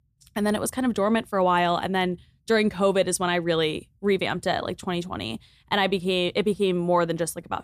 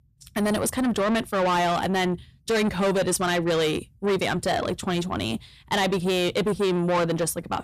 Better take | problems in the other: first | distortion; heavy; 8 dB below the speech

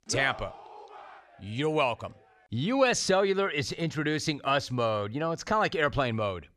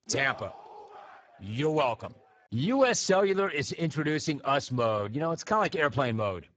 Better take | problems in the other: first | garbled, watery; badly; nothing above 7.5 kHz

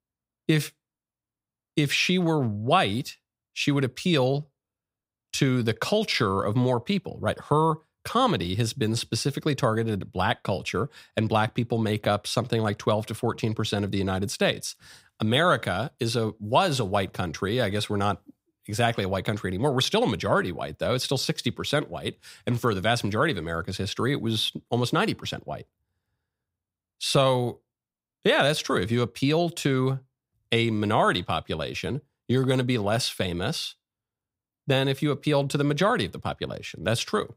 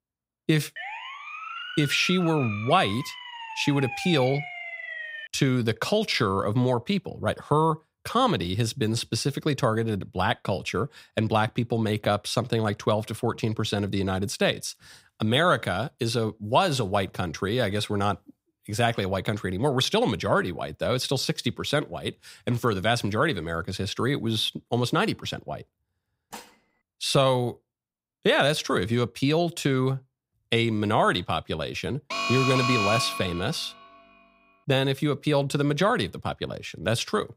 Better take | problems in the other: first | siren; noticeable; from 1 to 5.5 s; peak 8 dB below the speech // clattering dishes; faint; at 26 s; peak 20 dB below the speech // alarm; loud; from 32 to 33 s; peak 2 dB above the speech

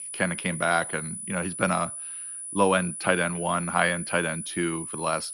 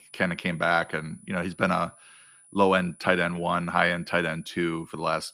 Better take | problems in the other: second | high-pitched whine; loud; throughout; 10 kHz, 7 dB below the speech; faint in the second

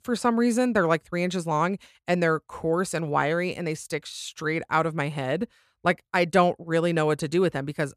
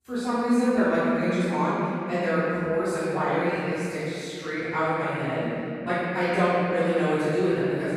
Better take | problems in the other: first | off-mic speech; far // room echo; strong; dies away in 3 s

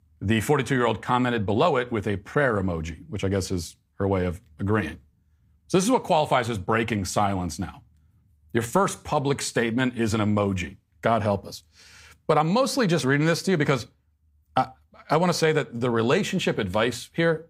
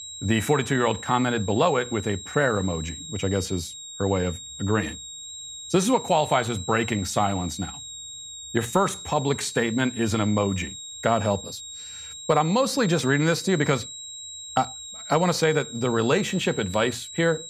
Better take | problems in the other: first | high-pitched whine; noticeable; throughout; 4 kHz, 10 dB below the speech

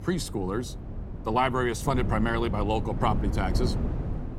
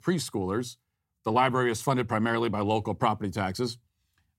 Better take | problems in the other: second | wind noise on the microphone; occasional gusts; 15 dB below the speech

